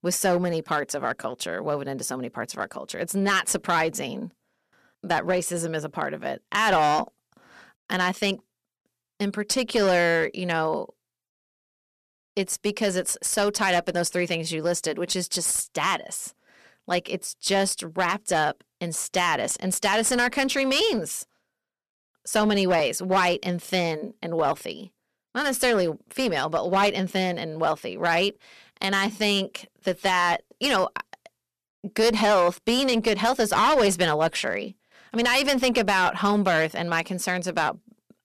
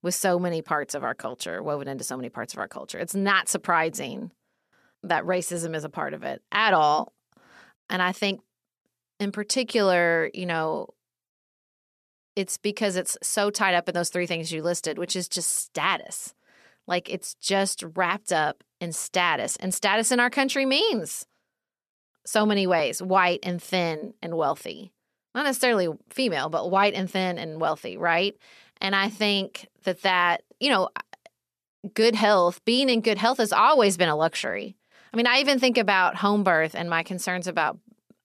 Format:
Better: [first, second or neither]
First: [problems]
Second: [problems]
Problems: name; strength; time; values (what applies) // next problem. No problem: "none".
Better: second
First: distortion; slight; 6% of the sound clipped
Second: none